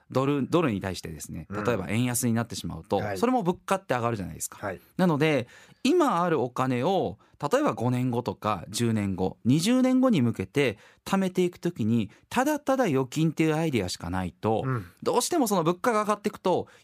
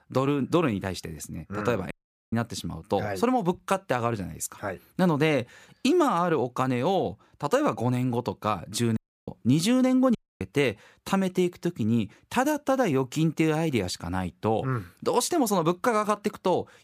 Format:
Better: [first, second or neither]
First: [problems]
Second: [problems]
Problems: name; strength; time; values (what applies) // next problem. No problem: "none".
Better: first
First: none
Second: audio cutting out; at 2 s, at 9 s and at 10 s